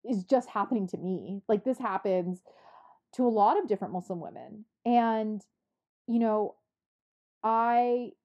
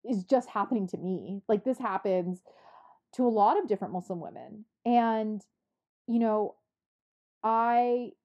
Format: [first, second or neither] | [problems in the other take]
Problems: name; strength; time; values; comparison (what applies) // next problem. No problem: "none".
neither | muffled; very; fading above 1 kHz; the same in both